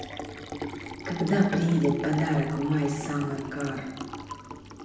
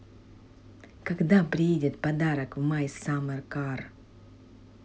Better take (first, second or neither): second